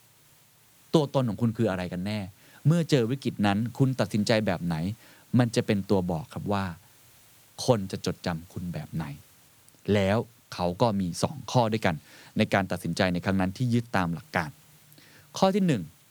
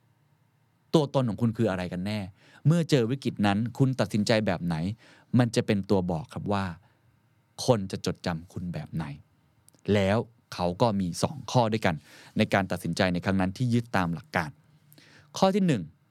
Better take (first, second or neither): second